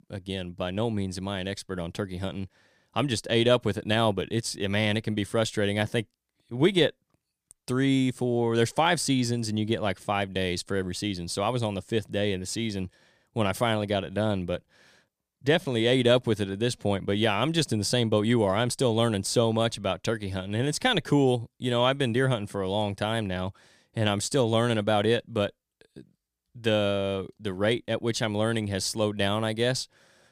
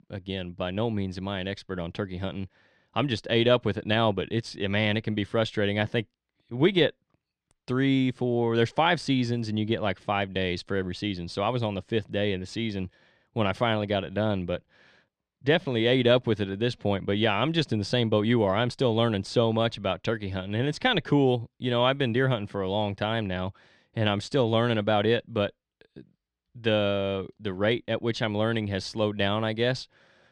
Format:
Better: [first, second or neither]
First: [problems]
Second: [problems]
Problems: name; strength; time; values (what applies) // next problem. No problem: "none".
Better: first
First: none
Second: muffled; very slightly; fading above 3 kHz